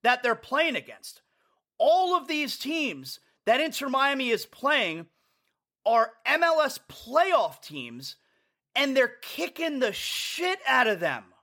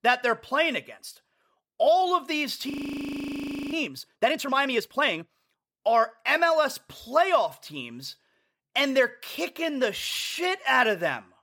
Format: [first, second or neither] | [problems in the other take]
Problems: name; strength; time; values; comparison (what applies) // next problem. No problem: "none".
first | audio freezing; at 2.5 s for 1 s